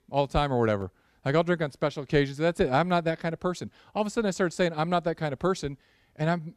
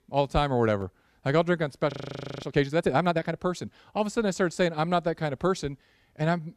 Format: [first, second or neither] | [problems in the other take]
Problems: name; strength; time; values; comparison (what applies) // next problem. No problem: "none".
first | audio freezing; at 2 s for 0.5 s